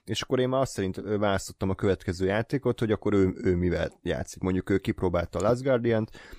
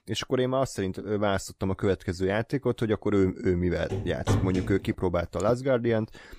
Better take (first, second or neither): first